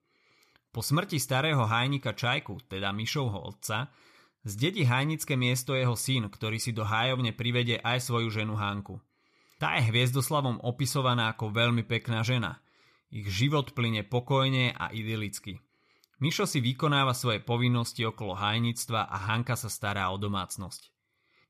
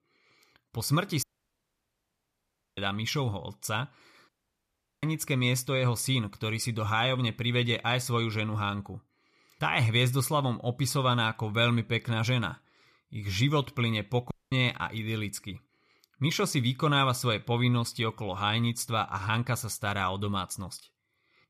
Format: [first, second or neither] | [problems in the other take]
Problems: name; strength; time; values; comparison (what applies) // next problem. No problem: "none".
first | audio cutting out; at 1 s for 1.5 s, at 4.5 s for 0.5 s and at 14 s